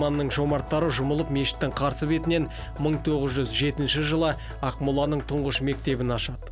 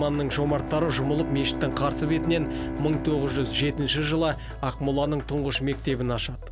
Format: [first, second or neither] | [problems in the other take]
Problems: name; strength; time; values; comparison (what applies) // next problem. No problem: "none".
first | background sound (Bowed string instrument); 9 dB below the speech